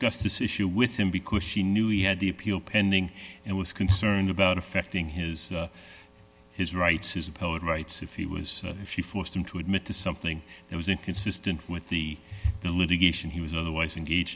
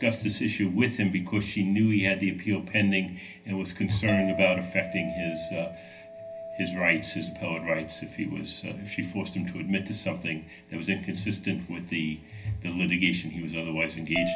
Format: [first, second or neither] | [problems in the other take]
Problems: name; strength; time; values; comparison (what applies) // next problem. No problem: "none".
first | background sound (Chink, clink); 13 dB below the speech // room echo; dies away in 0.3 s